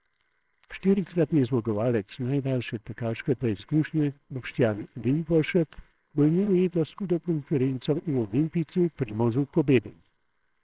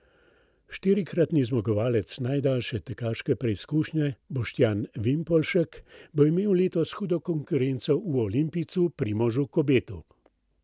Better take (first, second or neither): second